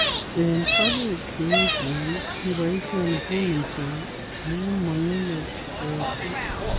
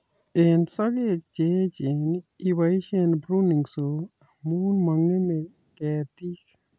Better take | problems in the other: second | background sound (Gull, seagull); 1 dB below the speech

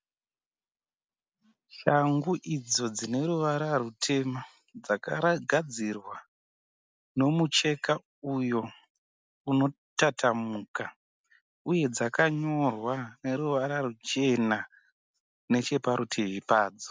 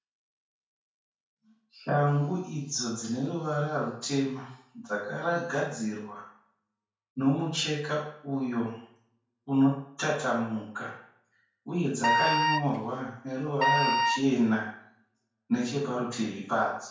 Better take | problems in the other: first | background sound (Wind instrument, woodwind instrument); 3 dB above the speech // room echo; dies away in 0.5 s

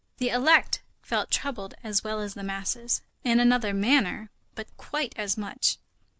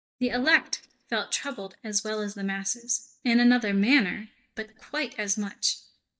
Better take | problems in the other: first | noise reduction (neural mask model DeepFilterNet 3)

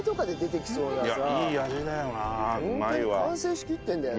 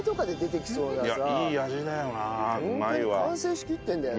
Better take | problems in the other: second | background sound (Keys jangling); 15 dB below the speech

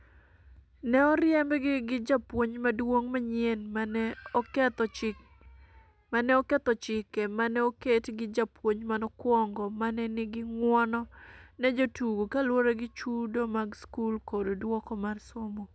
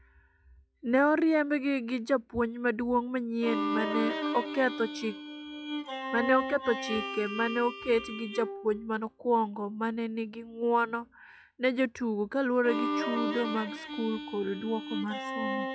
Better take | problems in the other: first | noise reduction (classical method log-MMSE)

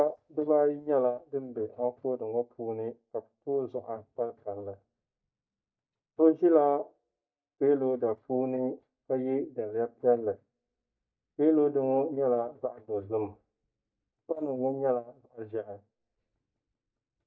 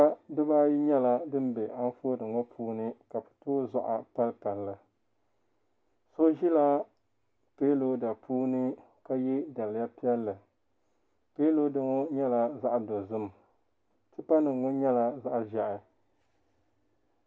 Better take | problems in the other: second | noise reduction (neural mask model DeepFilterNet 3)

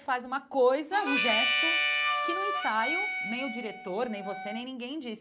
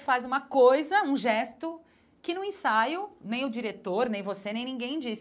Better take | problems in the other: second | background sound (Harmonica); 1 dB above the speech

